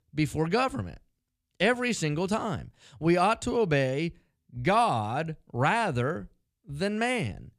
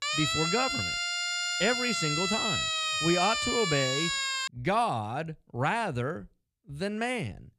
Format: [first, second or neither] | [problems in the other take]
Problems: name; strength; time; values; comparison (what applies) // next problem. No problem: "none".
first | siren; loud; until 4.5 s; peak 4 dB above the speech